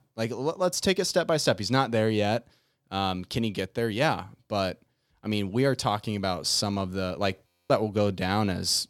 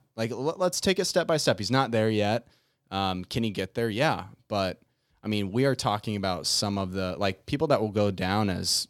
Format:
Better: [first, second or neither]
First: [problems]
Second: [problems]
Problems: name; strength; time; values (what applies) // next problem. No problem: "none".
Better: second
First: audio freezing; at 7.5 s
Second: none